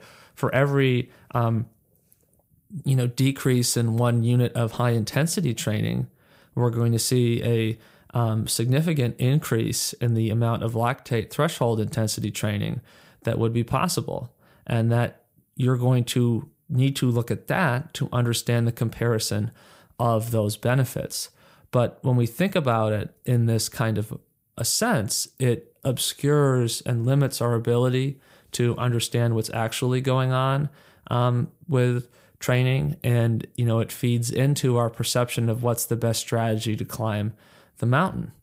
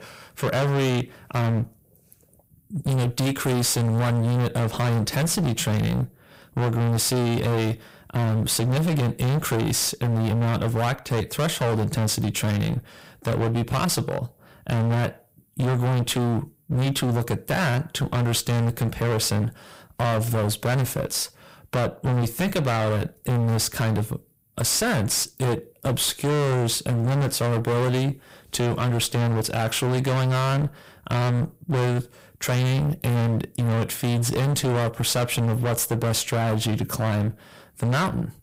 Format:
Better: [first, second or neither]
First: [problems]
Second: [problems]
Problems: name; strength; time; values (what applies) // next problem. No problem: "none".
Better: first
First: none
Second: distortion; heavy; 36% of the sound clipped